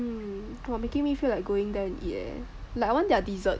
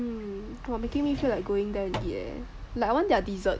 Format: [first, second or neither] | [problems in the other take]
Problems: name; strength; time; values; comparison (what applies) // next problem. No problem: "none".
first | background sound (Drawer open or close); 11 dB below the speech